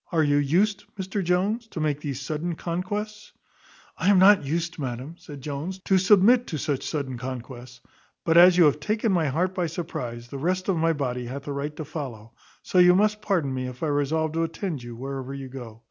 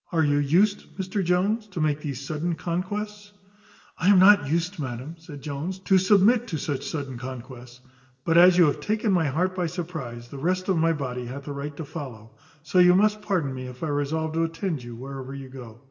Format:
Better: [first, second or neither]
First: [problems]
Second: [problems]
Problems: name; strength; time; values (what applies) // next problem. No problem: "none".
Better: first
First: none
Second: room echo; dies away in 2 s